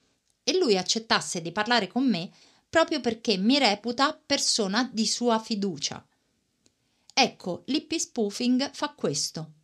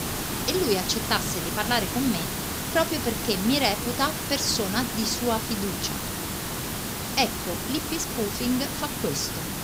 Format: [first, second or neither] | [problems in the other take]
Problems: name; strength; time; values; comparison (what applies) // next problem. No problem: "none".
first | hiss; loud; throughout; 2 dB below the speech